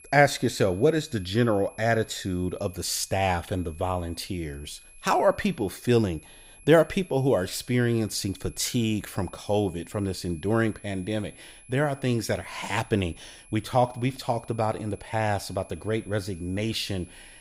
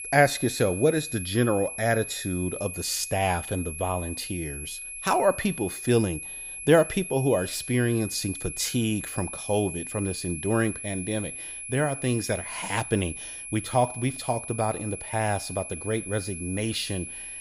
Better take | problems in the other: first | high-pitched whine; loud; throughout; 11 kHz, 8 dB below the speech; faint in the first

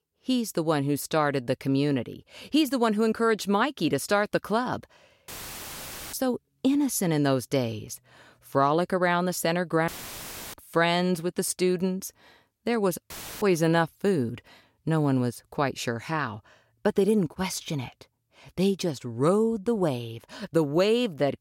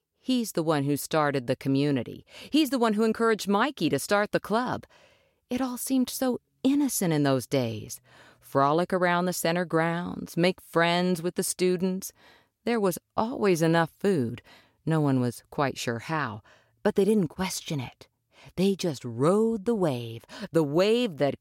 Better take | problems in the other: second | audio cutting out; filled with static; at 5.5 s for 1 s, at 10 s for 0.5 s and at 13 s

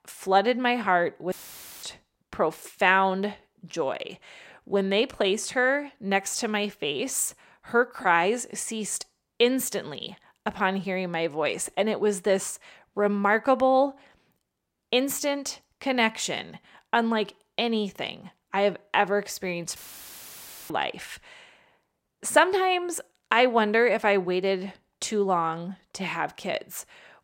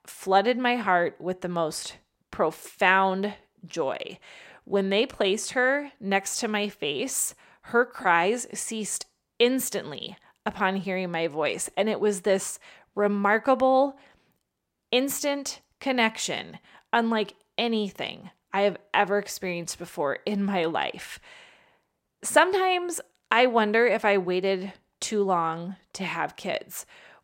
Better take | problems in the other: second | audio cutting out; filled with static; at 1.5 s for 0.5 s and at 20 s for 1 s

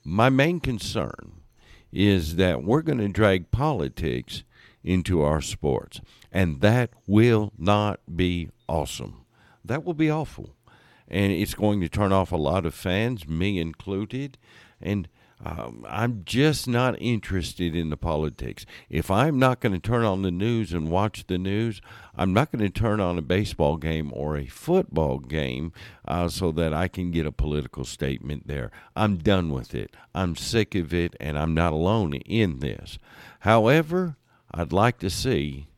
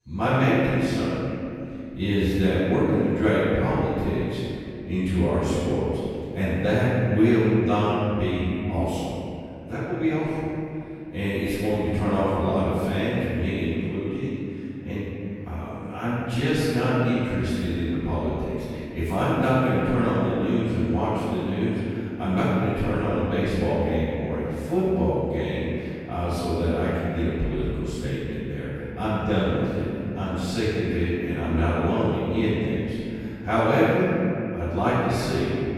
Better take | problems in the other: first | off-mic speech; far // room echo; strong; dies away in 2.8 s

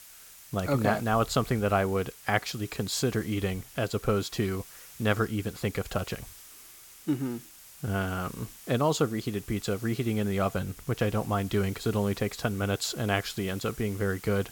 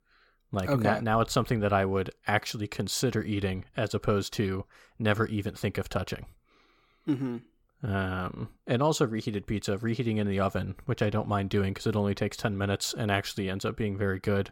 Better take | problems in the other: second | hiss; noticeable; throughout; 15 dB below the speech

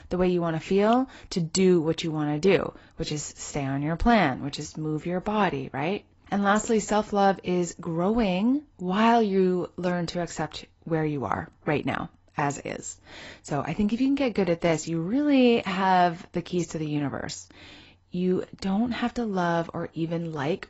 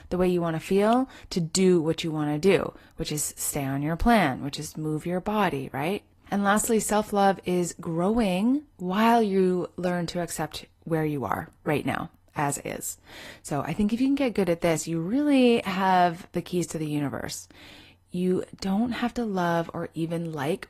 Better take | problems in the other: second | garbled, watery; badly; nothing above 8 kHz; slightly in the second

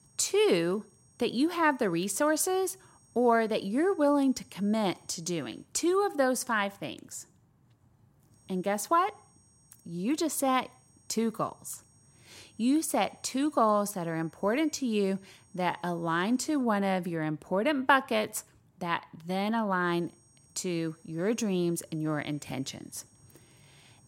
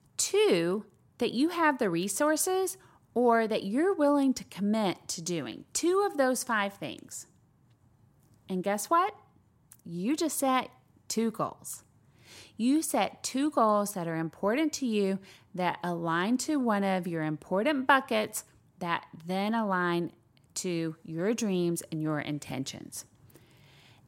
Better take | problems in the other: second | high-pitched whine; faint; until 5.5 s, from 8.5 to 17 s and from 20 s on; 8.5 kHz, 30 dB below the speech

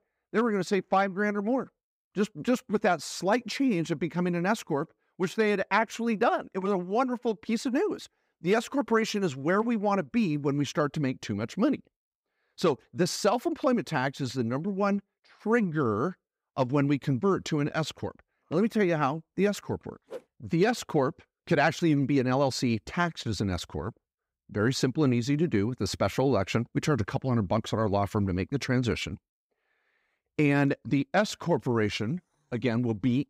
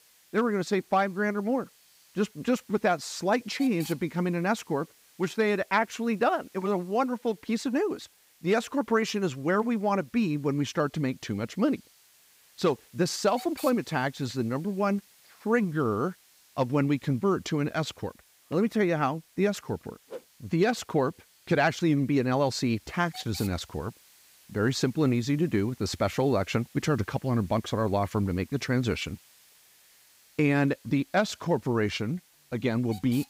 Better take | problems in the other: first | hiss; faint; throughout; 25 dB below the speech

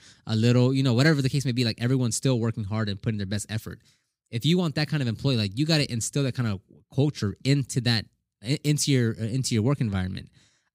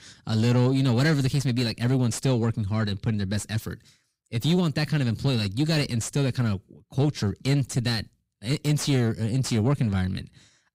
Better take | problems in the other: first | distortion; slight; 10 dB below the speech

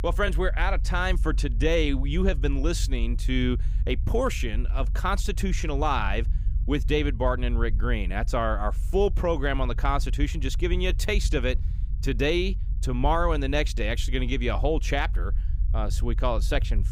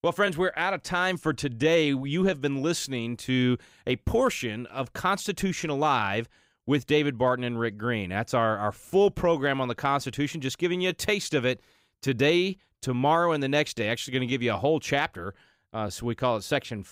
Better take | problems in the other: second | low rumble; faint; throughout; 20 dB below the speech

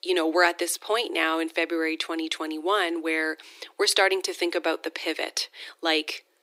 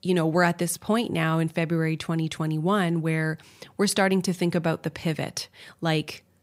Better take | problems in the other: second | thin; very; fading below 300 Hz

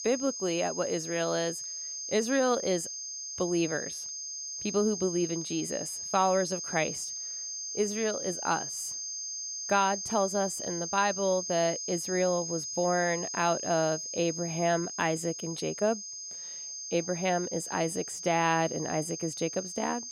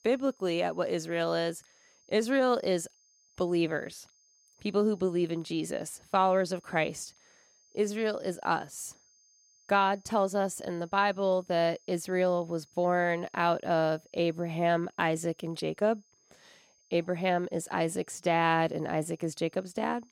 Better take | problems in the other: second | high-pitched whine; loud; throughout; 6.5 kHz, 5 dB below the speech; faint in the second

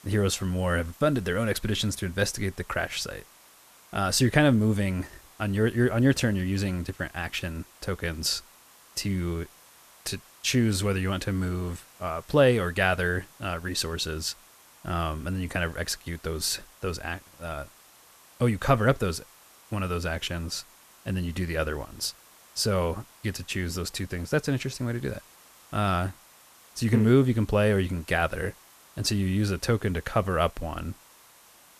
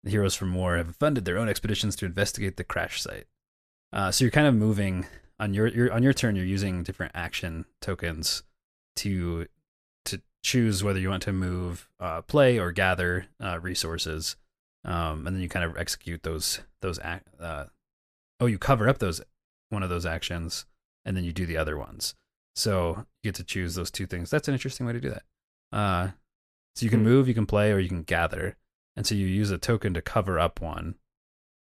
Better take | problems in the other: second | hiss; faint; throughout; 25 dB below the speech

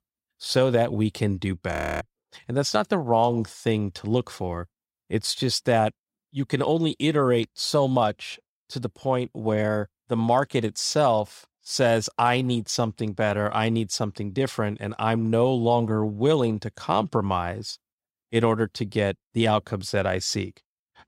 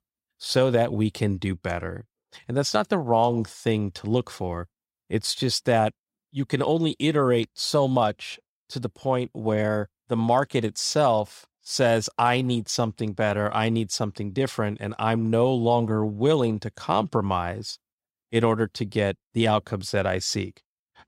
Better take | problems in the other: second | audio freezing; at 1.5 s

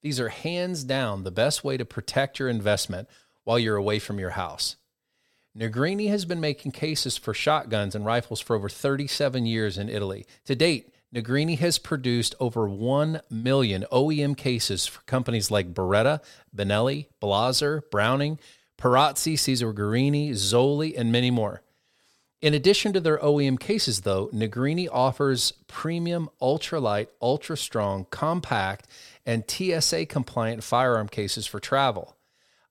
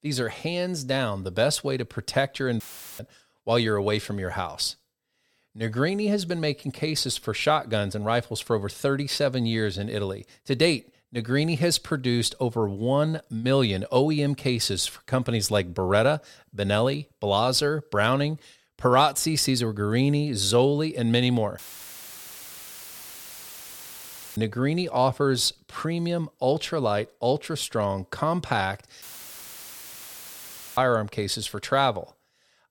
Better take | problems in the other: first | audio cutting out; filled with static; at 2.5 s, at 22 s for 3 s and at 29 s for 2 s

